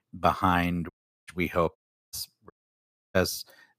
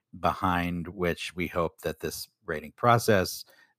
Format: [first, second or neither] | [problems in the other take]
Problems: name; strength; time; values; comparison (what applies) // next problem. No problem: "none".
second | audio cutting out; at 1 s, at 2 s and at 2.5 s for 0.5 s